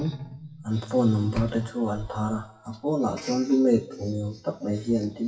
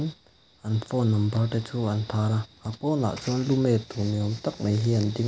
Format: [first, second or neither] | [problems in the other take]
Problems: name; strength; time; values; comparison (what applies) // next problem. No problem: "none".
second | noise reduction (classical method WPE with log-MMSE)